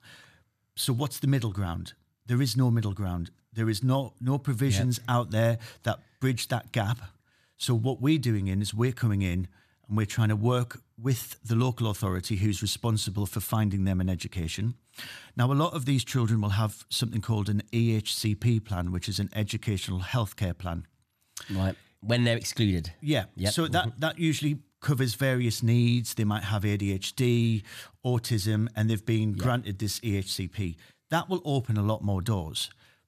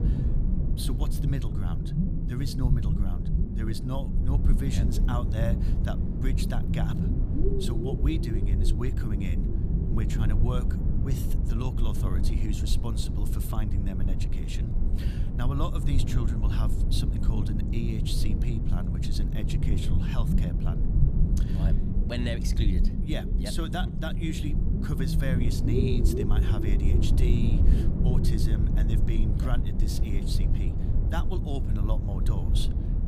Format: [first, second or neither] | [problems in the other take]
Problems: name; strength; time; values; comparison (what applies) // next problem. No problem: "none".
first | low rumble; loud; throughout; 1 dB below the speech